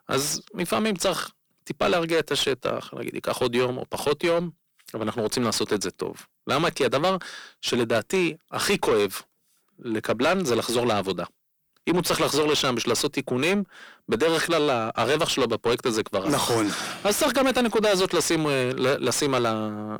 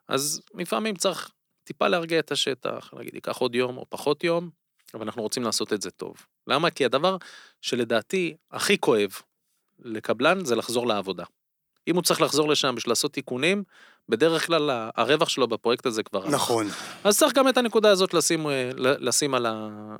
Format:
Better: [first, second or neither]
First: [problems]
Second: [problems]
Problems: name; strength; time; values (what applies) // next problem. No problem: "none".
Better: second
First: distortion; heavy; 6 dB below the speech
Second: none